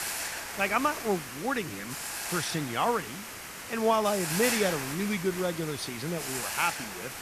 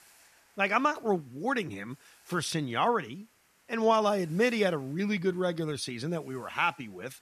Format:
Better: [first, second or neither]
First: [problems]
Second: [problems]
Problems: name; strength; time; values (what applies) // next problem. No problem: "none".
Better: second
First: hiss; loud; throughout; 5 dB below the speech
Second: hiss; faint; throughout; 30 dB below the speech